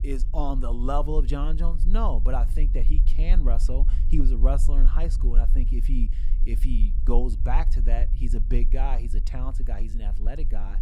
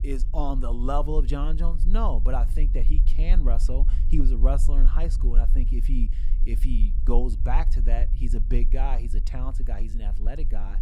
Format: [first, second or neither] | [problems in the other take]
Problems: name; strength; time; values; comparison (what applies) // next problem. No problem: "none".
neither | low rumble; noticeable; throughout; 15 dB below the speech; the same in both